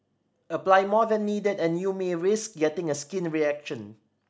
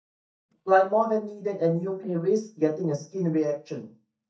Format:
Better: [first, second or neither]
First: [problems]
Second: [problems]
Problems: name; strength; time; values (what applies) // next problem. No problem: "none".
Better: first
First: none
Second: noise reduction (neural mask model DeepFilterNet 3)